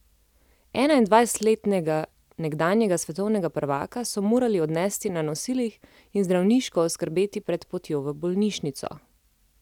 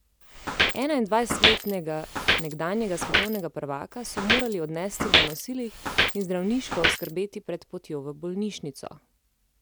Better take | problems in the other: first | background sound (Walk, footsteps); 3 dB above the speech

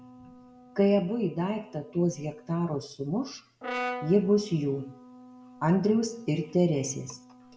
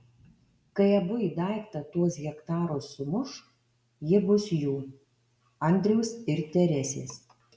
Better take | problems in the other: second | background sound (Brass instrument); 15 dB below the speech

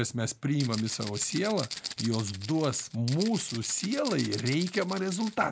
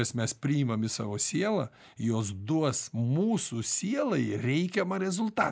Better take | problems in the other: second | background sound (Rattle (instrument)); 11 dB below the speech

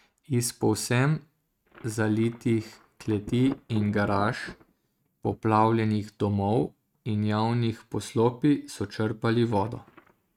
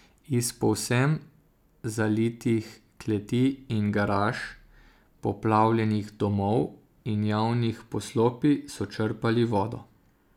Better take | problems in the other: second | noise reduction (neural mask model RNNoise)

